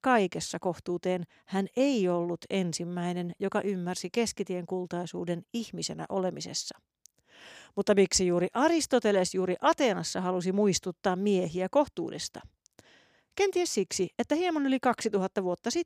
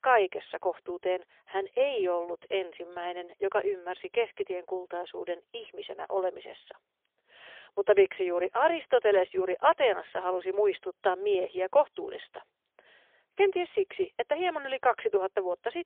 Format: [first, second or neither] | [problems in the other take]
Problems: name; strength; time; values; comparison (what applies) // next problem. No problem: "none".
first | phone-call audio; poor line; nothing above 3.5 kHz